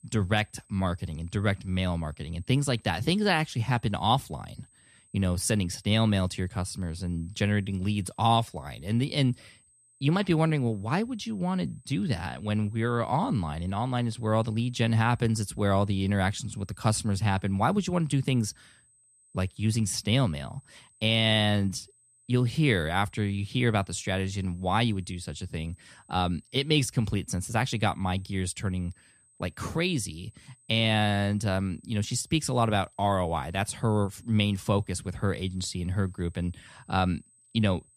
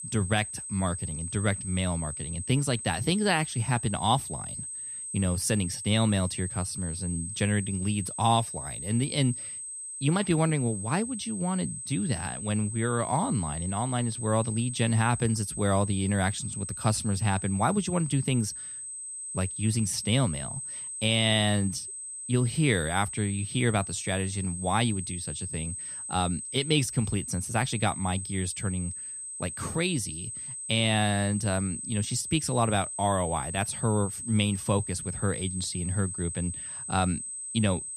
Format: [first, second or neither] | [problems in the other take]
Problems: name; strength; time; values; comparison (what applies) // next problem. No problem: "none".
first | high-pitched whine; loud; throughout; 8 kHz, 6 dB below the speech; faint in the first